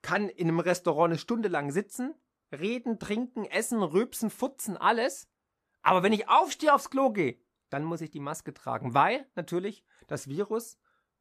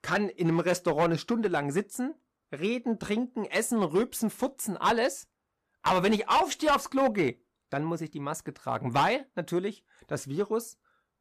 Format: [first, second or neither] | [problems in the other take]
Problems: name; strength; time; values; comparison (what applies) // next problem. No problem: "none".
first | distortion; slight; 4% of the sound clipped